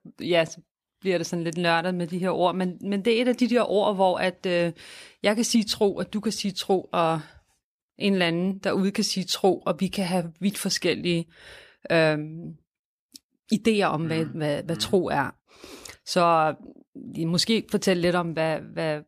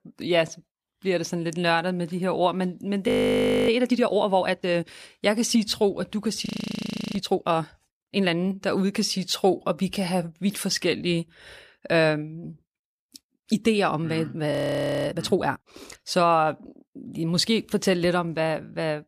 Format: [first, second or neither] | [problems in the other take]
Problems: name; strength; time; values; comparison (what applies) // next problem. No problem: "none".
first | audio freezing; at 3 s for 0.5 s, at 6.5 s for 0.5 s and at 15 s for 0.5 s